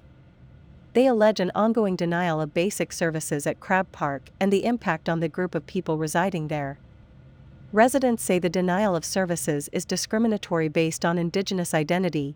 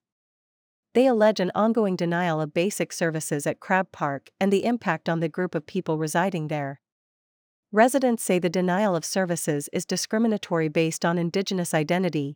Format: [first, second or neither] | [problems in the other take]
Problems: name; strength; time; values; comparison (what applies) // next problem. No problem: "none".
second | machinery noise; faint; throughout; 30 dB below the speech